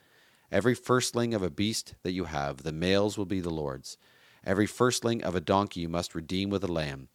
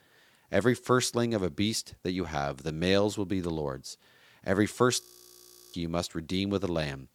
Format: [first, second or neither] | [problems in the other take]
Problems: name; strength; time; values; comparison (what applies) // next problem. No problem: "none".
first | audio freezing; at 5 s for 0.5 s